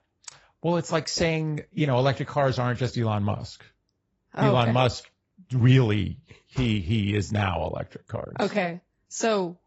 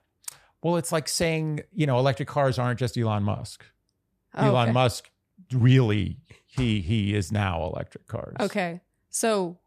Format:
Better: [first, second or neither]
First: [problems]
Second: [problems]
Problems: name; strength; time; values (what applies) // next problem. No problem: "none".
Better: second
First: garbled, watery; badly; nothing above 7.5 kHz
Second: none